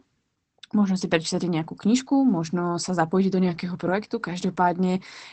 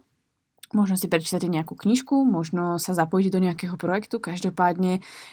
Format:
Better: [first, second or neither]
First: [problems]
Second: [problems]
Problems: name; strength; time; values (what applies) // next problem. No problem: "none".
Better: second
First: garbled, watery; badly; nothing above 8 kHz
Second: garbled, watery; slightly